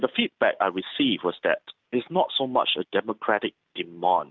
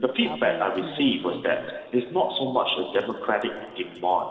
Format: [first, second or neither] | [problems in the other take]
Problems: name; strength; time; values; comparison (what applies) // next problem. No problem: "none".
first | noise reduction (neural separator model SepFormer DNS4)